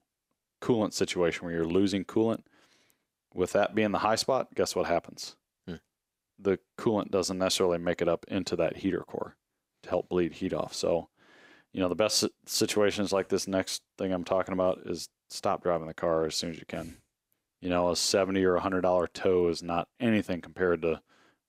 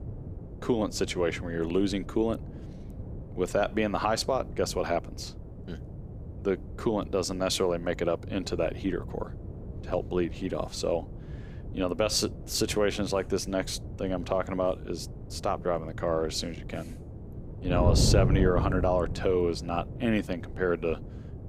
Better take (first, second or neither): first